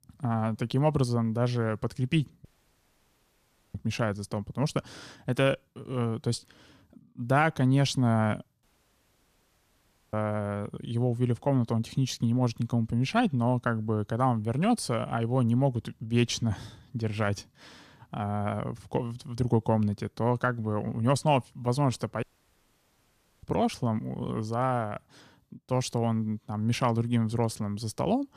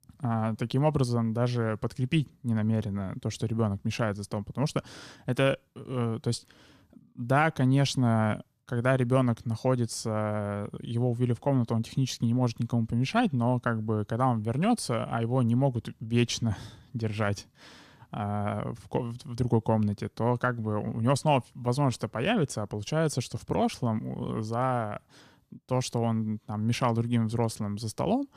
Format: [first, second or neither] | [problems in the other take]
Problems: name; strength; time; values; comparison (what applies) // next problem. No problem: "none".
second | audio cutting out; at 2.5 s for 1.5 s, at 8.5 s for 1.5 s and at 22 s for 1 s